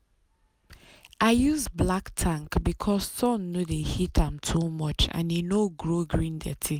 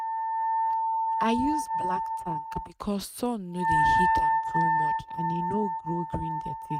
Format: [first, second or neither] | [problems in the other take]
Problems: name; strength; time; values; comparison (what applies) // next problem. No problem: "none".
first | noise reduction (neural mask model RNNoise)